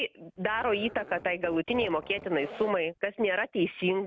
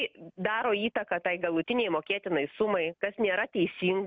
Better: second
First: background sound (Zipper (clothing)); 16 dB below the speech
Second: none

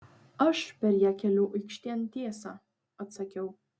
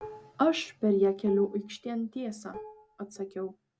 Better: first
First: none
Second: background sound (Dishes, pots, and pans); 19 dB below the speech

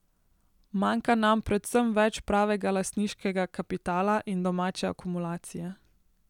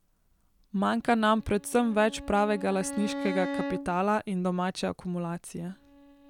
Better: first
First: none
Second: background sound (Bowed string instrument); 11 dB below the speech

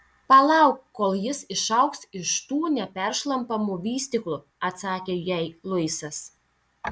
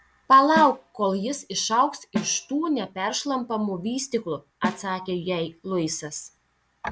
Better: first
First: none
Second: background sound (Snare drum); 11 dB below the speech

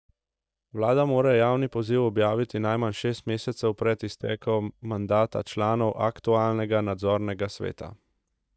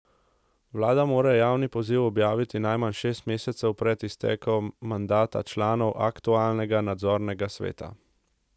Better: second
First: noise reduction (neural mask model DeepFilterNet 3)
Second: none

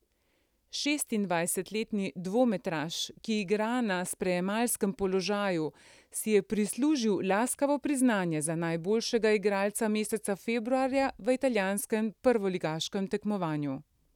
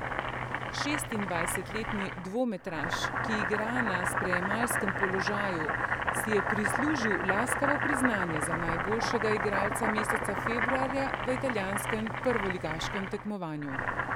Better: first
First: none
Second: background sound (Boiling); 2 dB above the speech

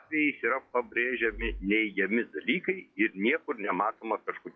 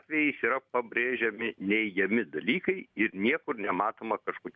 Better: second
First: noise reduction (classical method WPE with log-MMSE)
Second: none

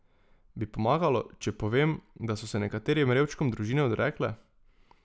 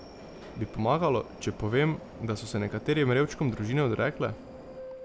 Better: first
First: none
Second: background sound (Subway, metro, underground); 15 dB below the speech

